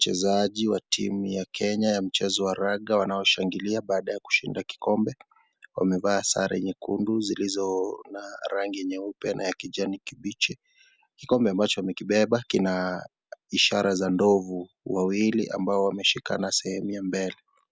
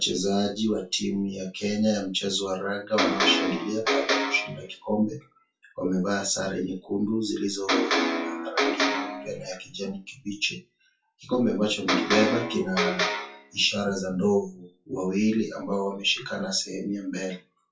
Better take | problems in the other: first | noise reduction (classical method WPE with log-MMSE)

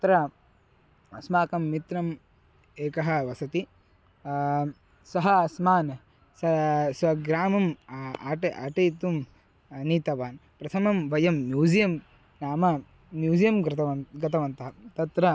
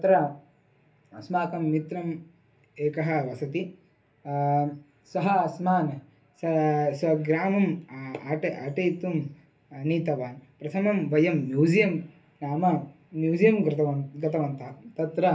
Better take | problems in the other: first | room echo; dies away in 0.3 s

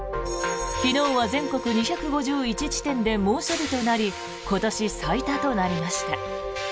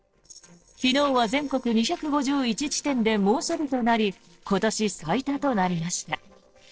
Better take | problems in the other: first | noise reduction (neural separator model SepFormer DNS4)

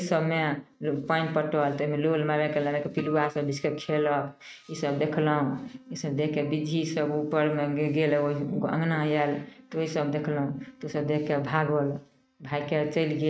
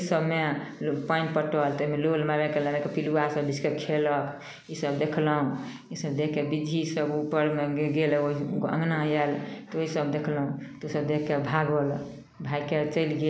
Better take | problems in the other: second | noise reduction (neural mask model RNNoise)

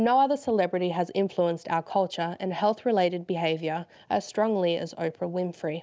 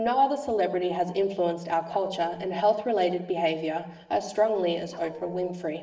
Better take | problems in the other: first | background sound (Dog); 19 dB below the speech // room echo; dies away in 0.8 s

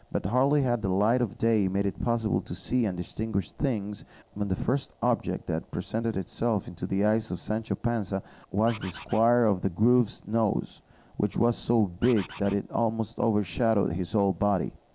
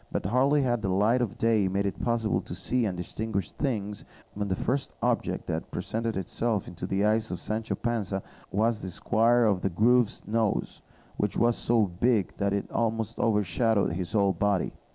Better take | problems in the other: second | background sound (Bird); 15 dB below the speech

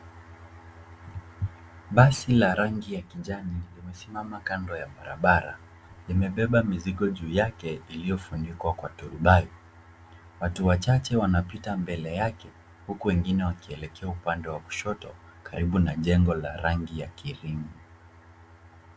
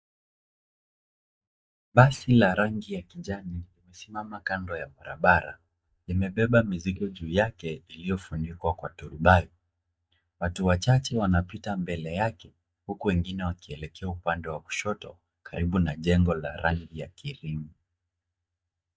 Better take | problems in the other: first | noise reduction (neural mask model DeepFilterNet 3)

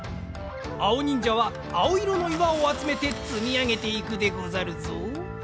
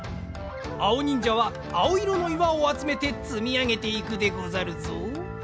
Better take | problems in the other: second | background sound (Car passing by / Traffic noise, roadway noise + Camera); 17 dB below the speech

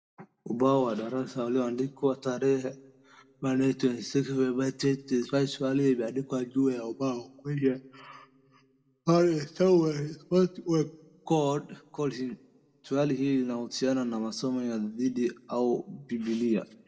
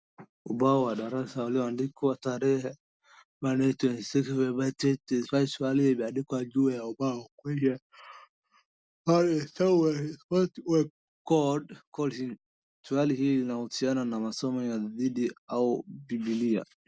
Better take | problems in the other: second | room echo; dies away in 1.1 s

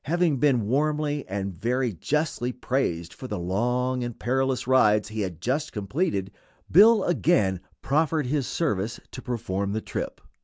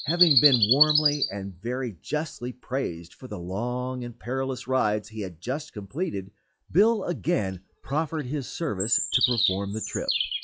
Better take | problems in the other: first | noise reduction (classical method log-MMSE)

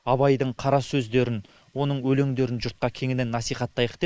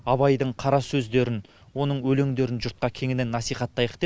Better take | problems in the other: second | noise reduction (neural mask model Resemble Enhance denoiser)

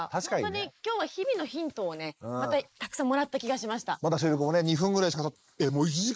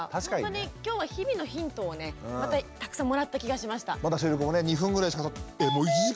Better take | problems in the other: second | noise reduction (neural mask model Resemble Enhance denoiser)

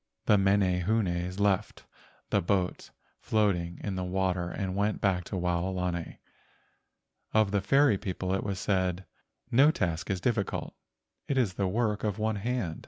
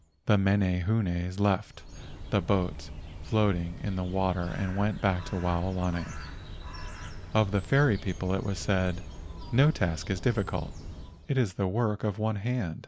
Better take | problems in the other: first | background sound (Bird); 12 dB below the speech

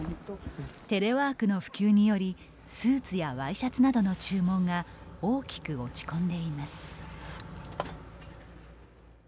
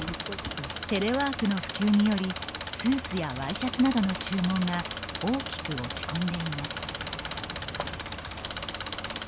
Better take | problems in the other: first | background sound (Engine); 6 dB below the speech

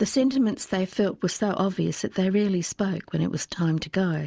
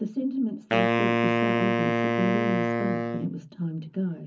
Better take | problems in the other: first | background sound (Wind instrument, woodwind instrument); 4 dB above the speech // room echo; dies away in 0.4 s

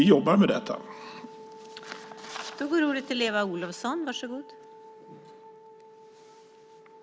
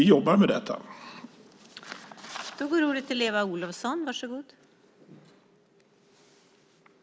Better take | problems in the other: second | background sound (Wind instrument, woodwind instrument); 20 dB below the speech

